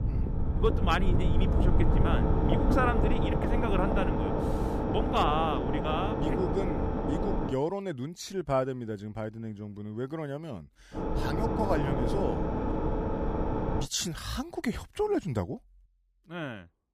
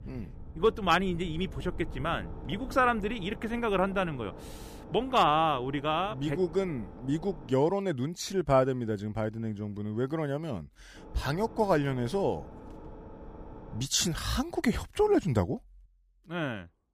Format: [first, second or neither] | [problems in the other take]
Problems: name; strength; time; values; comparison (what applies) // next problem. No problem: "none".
second | low rumble; loud; until 7.5 s and from 11 to 14 s; as loud as the speech; faint in the second